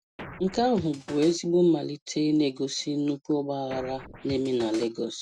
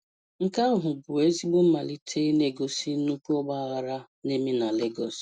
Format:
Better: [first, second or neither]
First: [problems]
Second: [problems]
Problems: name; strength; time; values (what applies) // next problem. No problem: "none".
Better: second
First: background sound (Scratching (performance technique)); 16 dB below the speech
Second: none